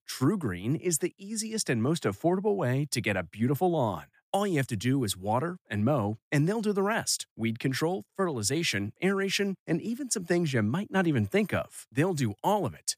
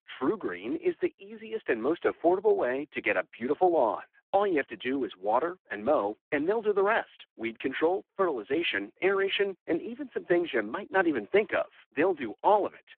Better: first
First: none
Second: phone-call audio; poor line

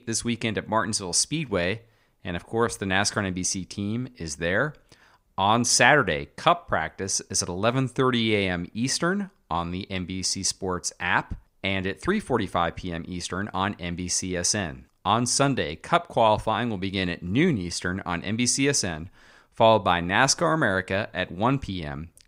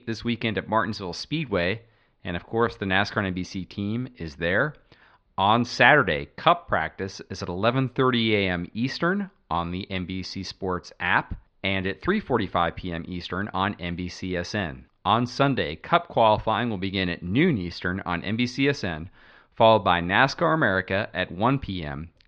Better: first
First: none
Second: muffled; slightly; fading above 4 kHz

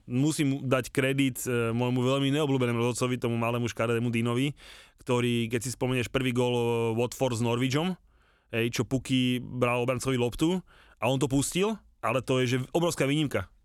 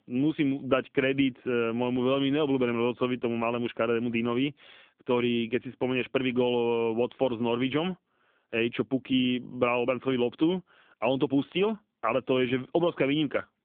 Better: first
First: none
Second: phone-call audio; nothing above 3.5 kHz

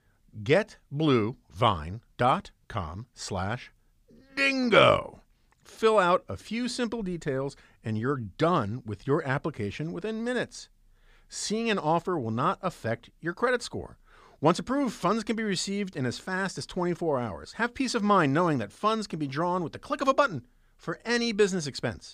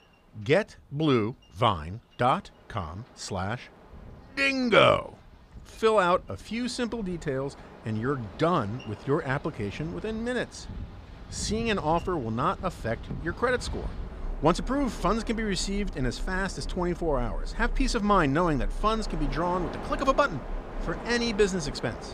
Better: first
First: none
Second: train or aircraft noise; noticeable; throughout; 15 dB below the speech

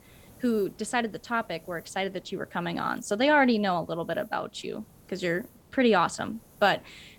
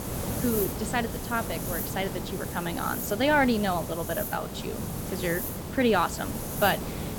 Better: first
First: hiss; faint; throughout; 25 dB below the speech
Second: hiss; loud; throughout; 4 dB below the speech

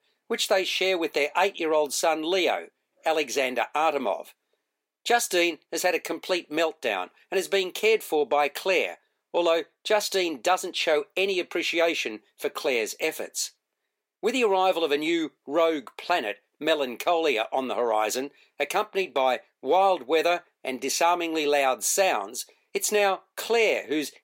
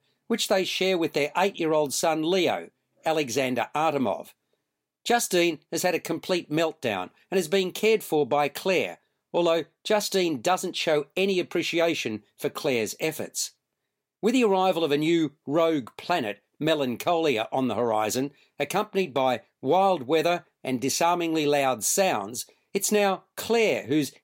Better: second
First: thin; somewhat; fading below 400 Hz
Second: none

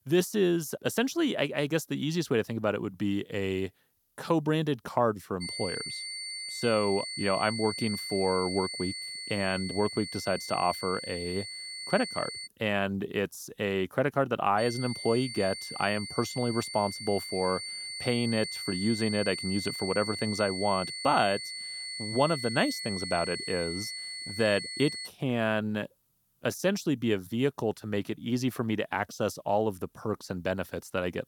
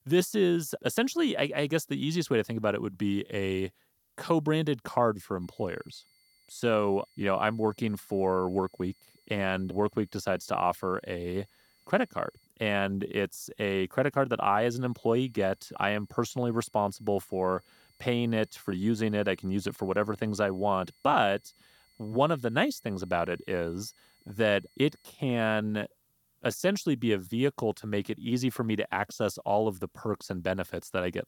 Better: second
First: high-pitched whine; loud; from 5.5 to 12 s and from 15 to 25 s; 4.5 kHz, 6 dB below the speech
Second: high-pitched whine; faint; from 5.5 to 12 s and from 15 to 25 s; 4.5 kHz, 35 dB below the speech

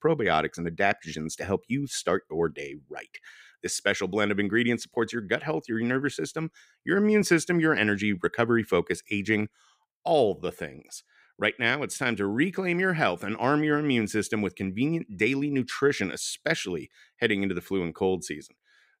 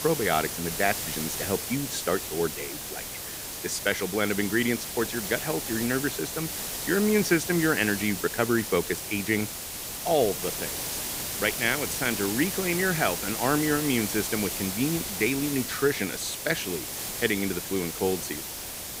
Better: first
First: none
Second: hiss; loud; throughout; 4 dB below the speech

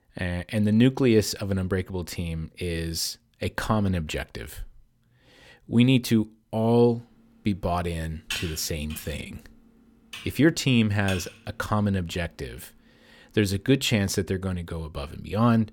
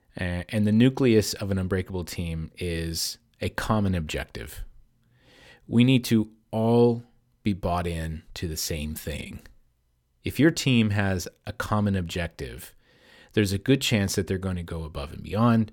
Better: second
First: keyboard typing; noticeable; from 8.5 to 11 s; peak 6 dB below the speech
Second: none

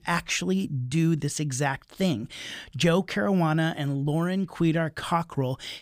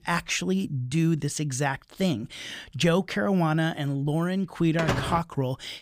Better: first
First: none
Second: door banging; noticeable; at 5 s; peak 2 dB below the speech

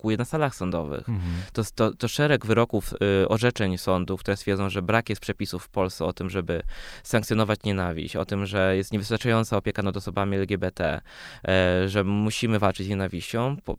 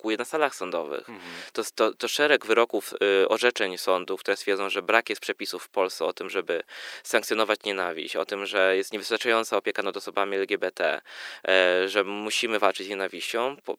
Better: first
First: none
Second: thin; very; fading below 350 Hz

